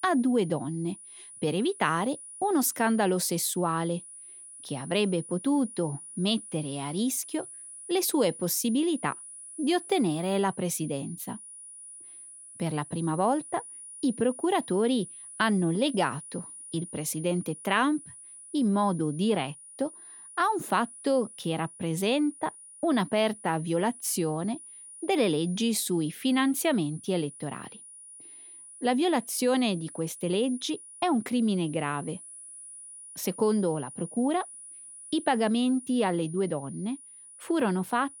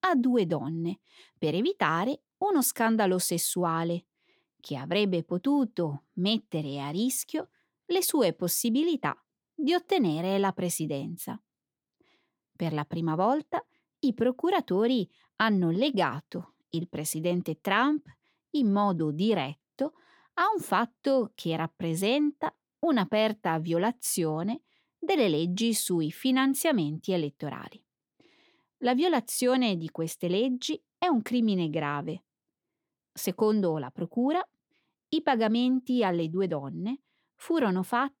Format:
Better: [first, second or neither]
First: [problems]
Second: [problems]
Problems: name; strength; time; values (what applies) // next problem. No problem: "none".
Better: second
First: high-pitched whine; noticeable; throughout; 9.5 kHz, 15 dB below the speech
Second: none